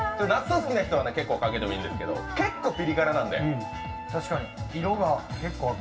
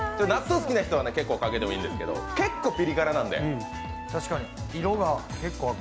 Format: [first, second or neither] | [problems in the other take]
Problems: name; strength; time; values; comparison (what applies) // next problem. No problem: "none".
second | room echo; dies away in 0.2 s